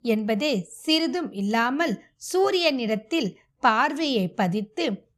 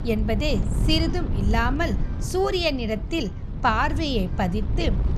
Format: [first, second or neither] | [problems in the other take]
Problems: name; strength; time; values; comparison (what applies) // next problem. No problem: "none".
first | wind noise on the microphone; occasional gusts; 15 dB below the speech